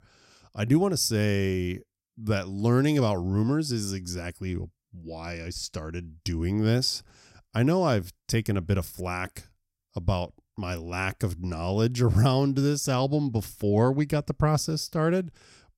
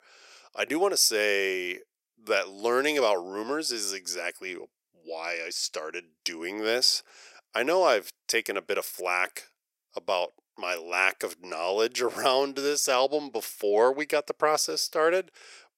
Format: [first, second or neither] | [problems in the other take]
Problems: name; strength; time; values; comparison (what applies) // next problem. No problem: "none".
first | thin; very; fading below 450 Hz